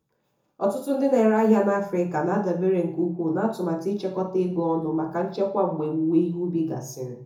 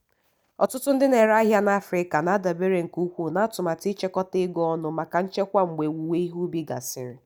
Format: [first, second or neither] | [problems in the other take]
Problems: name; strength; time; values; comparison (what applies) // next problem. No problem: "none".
second | room echo; dies away in 0.5 s